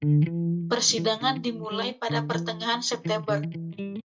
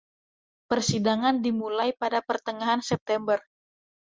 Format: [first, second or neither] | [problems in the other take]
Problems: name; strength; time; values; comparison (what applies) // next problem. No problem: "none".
second | noise reduction (neural mask model DeepFilterNet 3)